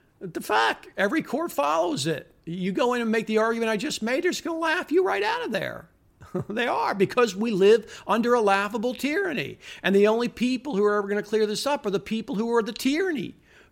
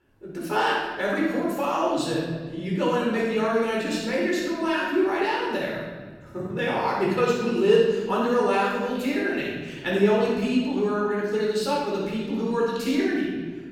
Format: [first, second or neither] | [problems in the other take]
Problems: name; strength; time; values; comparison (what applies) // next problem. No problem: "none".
first | off-mic speech; far // room echo; strong; dies away in 1.6 s